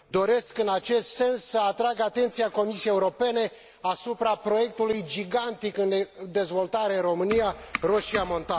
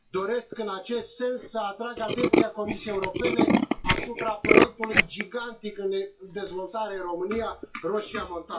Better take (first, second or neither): first